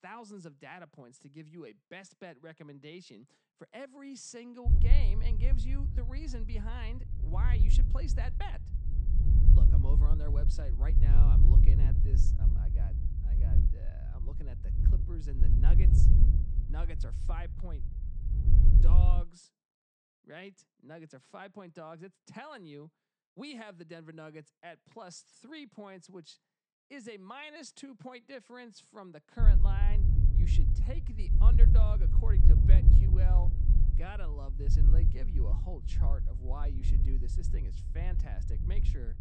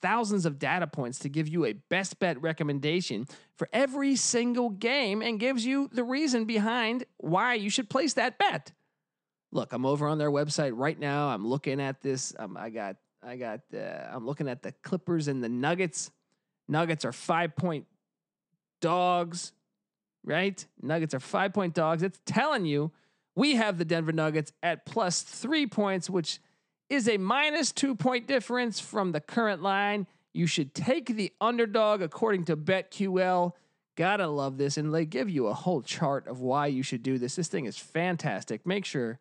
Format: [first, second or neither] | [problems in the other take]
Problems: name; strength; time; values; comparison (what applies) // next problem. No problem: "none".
second | wind noise on the microphone; heavy; from 4.5 to 19 s and from 29 s on; as loud as the speech